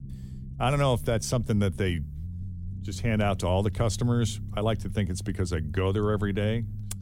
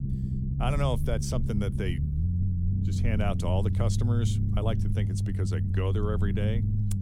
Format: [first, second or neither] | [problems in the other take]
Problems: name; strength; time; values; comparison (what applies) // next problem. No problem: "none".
first | low rumble; loud; throughout; 6 dB below the speech; faint in the first